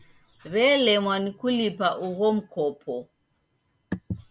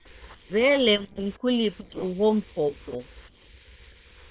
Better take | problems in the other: first | noise reduction (neural separator model SepFormer WHAM!)

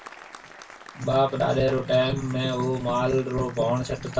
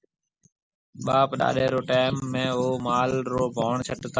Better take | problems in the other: second | background sound (Applause); 20 dB below the speech // room echo; dies away in 0.2 s

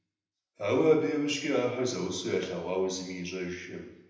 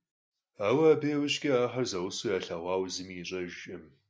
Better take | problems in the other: second | room echo; dies away in 0.8 s

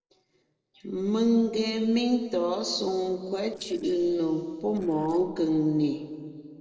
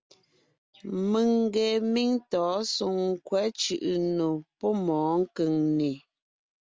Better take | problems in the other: second | noise reduction (neural separator model SepFormer DNS4)

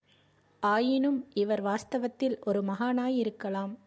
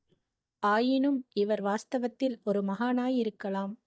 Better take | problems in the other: first | noise reduction (neural mask model DeepFilterNet 3)

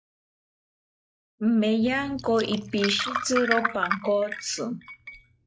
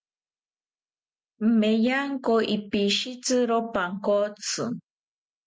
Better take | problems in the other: second | noise reduction (classical method log-MMSE)

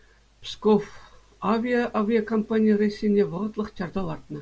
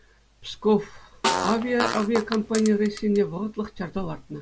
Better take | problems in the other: first | background sound (Snare drum + Fart); 5 dB below the speech

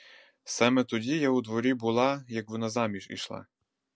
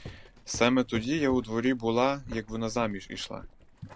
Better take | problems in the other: first | background sound (Walk, footsteps + Boiling); 15 dB below the speech

